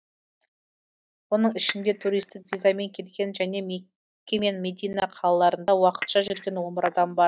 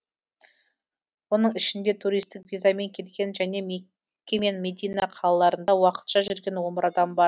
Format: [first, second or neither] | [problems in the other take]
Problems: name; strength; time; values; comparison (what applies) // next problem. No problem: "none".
second | noise reduction (neural mask model DeepFilterNet 3)